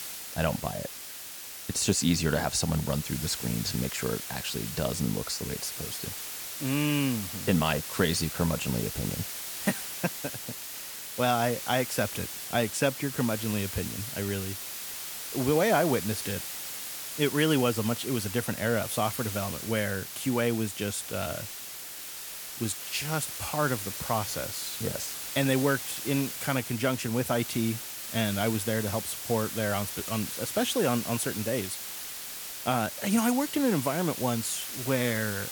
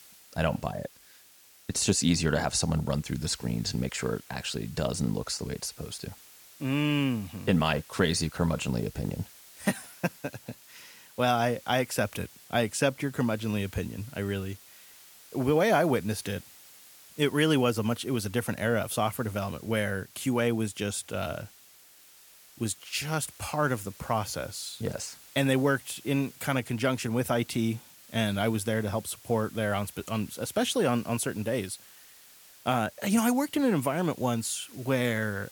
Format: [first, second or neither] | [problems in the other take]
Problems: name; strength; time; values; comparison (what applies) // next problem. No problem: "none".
second | hiss; loud; throughout; 6 dB below the speech; faint in the second